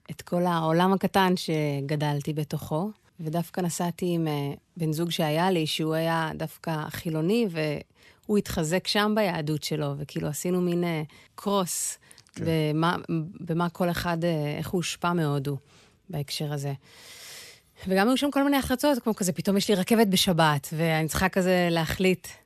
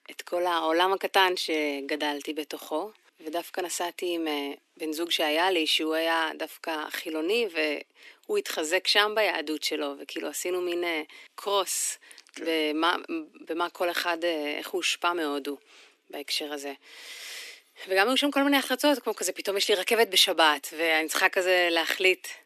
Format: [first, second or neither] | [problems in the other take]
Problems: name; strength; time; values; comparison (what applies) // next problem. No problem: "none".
first | thin; somewhat; fading below 300 Hz